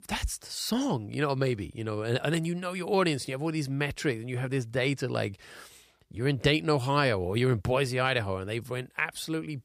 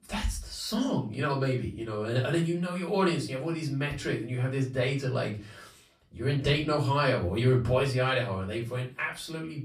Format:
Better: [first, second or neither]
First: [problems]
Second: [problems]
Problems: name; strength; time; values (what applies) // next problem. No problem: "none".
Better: first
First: none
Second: room echo; slight; dies away in 0.3 s // off-mic speech; far